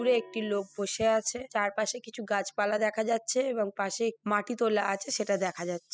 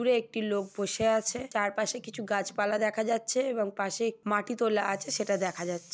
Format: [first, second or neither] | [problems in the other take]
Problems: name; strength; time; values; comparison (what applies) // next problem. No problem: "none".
second | noise reduction (classical method spectral subtraction)